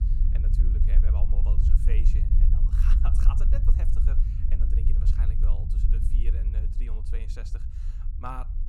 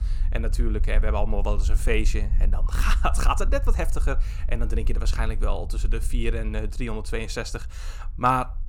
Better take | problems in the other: second | low rumble; loud; throughout; 1 dB below the speech; faint in the second

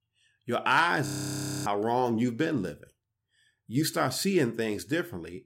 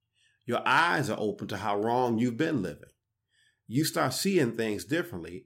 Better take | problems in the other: second | audio freezing; at 1 s for 0.5 s

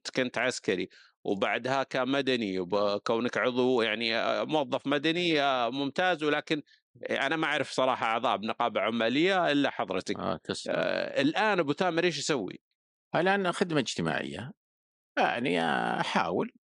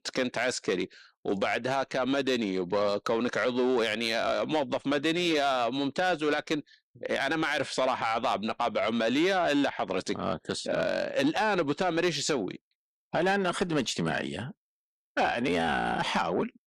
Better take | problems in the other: first | distortion; slight; 10 dB below the speech

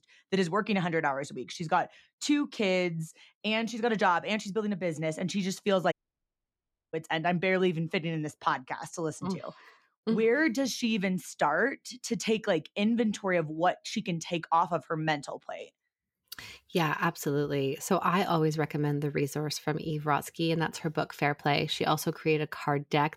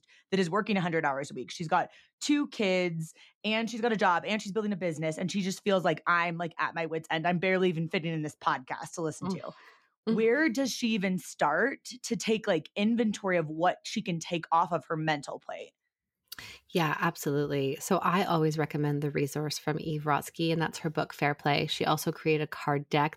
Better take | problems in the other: second | audio cutting out; at 6 s for 1 s

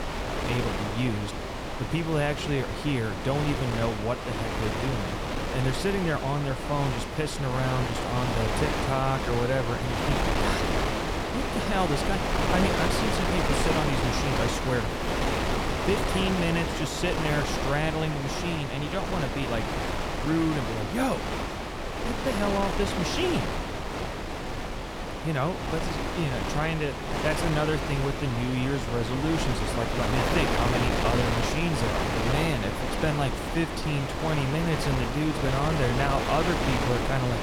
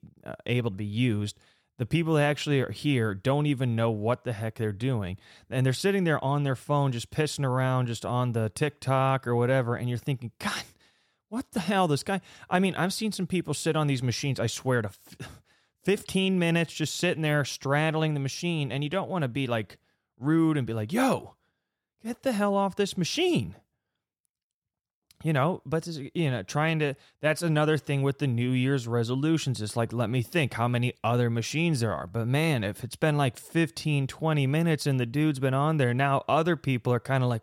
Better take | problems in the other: second | wind noise on the microphone; heavy; 1 dB above the speech

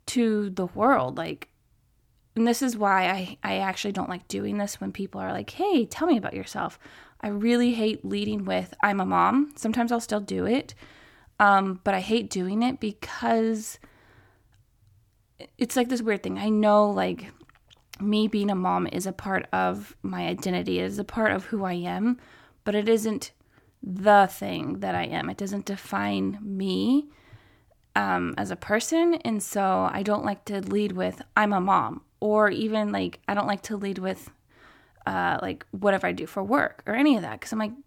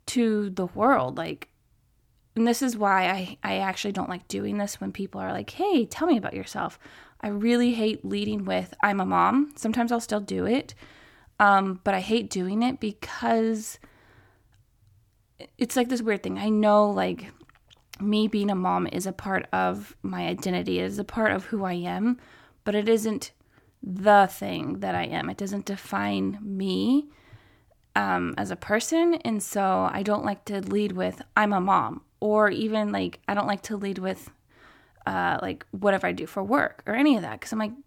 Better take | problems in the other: neither | none

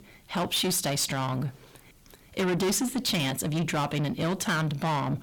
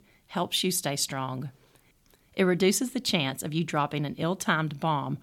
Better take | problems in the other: second | distortion; heavy; 6 dB below the speech

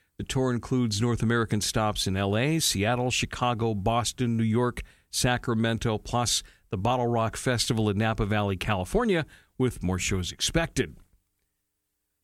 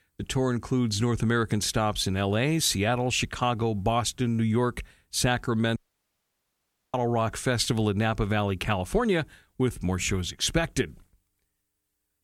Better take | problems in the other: first | audio cutting out; at 6 s for 1 s

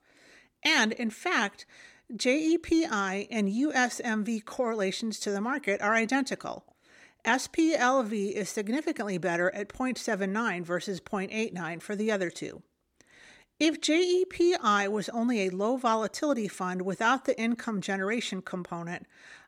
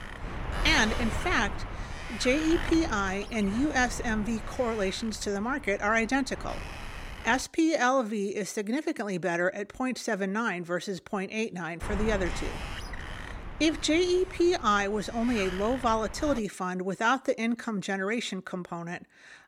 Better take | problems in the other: first | wind noise on the microphone; occasional gusts; until 7.5 s and from 12 to 16 s; 10 dB below the speech

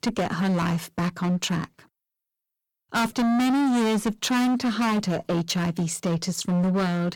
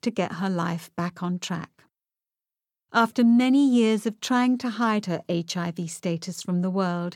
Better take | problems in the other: second | distortion; heavy; 25% of the sound clipped

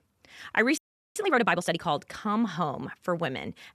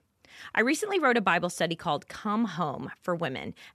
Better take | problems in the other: second | audio freezing; at 1 s

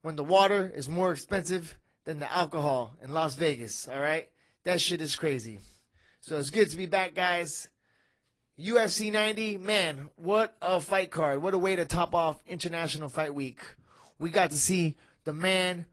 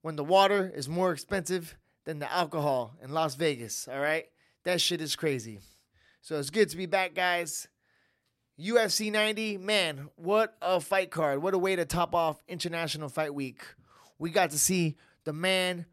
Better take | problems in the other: second | garbled, watery; slightly; nothing above 16 kHz

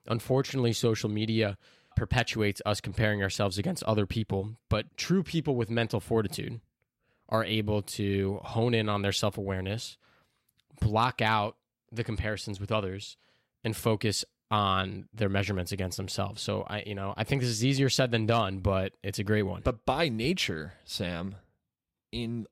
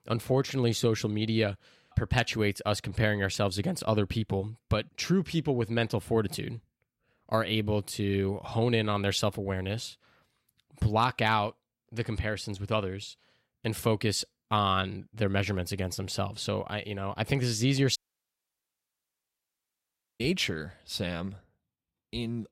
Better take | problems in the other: first | audio cutting out; at 18 s for 2 s

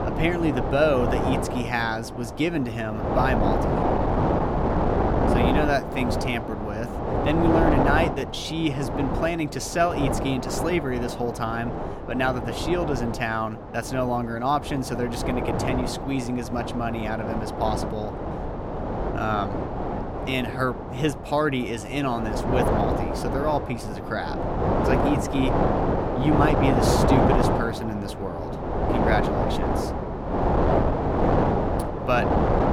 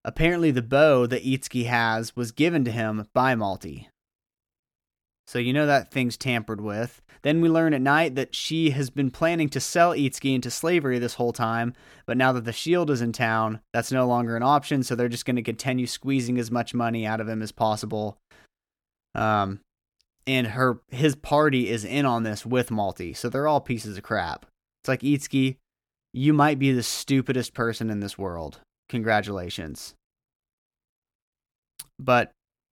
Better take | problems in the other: second | wind noise on the microphone; heavy; as loud as the speech

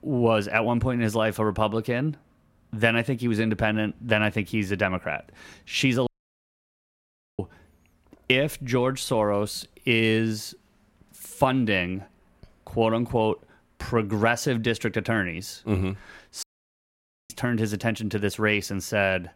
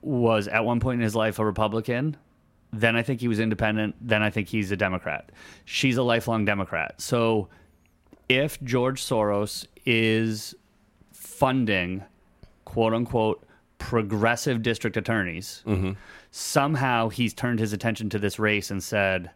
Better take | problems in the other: second | audio cutting out; at 6 s for 1.5 s and at 16 s for 1 s

